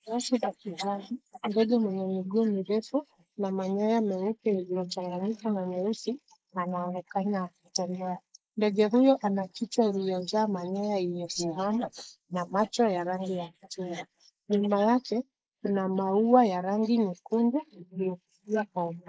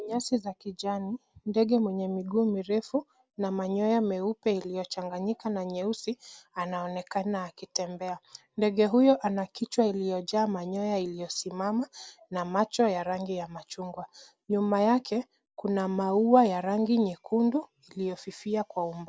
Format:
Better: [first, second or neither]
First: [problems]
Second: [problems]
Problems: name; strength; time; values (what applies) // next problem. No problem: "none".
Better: second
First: noise reduction (neural mask model Resemble Enhance denoiser)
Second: none